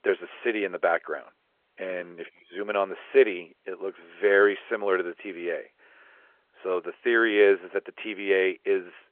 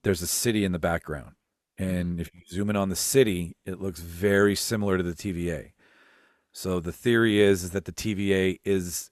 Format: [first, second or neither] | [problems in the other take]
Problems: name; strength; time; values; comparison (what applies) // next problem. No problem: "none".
second | phone-call audio; nothing above 3.5 kHz